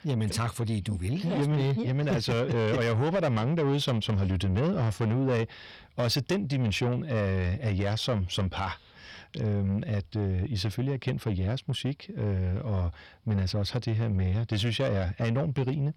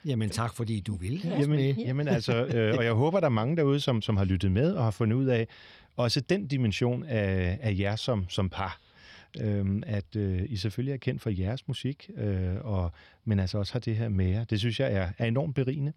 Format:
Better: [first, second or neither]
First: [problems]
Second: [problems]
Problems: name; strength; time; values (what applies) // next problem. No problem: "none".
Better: second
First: distortion; slight; 10 dB below the speech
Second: none